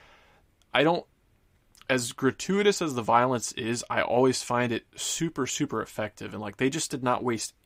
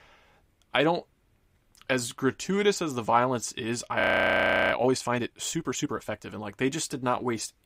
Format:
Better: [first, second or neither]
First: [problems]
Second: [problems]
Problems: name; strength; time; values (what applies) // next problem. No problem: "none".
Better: first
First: none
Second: audio freezing; at 4 s for 0.5 s